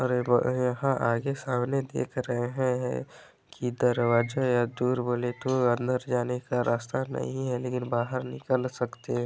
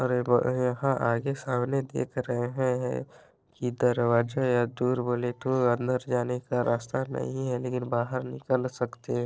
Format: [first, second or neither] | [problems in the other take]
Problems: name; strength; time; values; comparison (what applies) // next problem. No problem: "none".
first | noise reduction (neural separator model SepFormer DNS4)